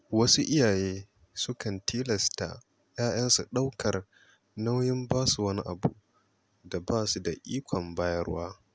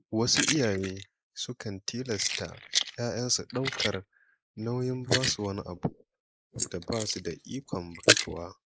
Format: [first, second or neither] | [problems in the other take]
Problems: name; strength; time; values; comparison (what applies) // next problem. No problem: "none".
first | noise reduction (neural mask model Resemble Enhance denoiser)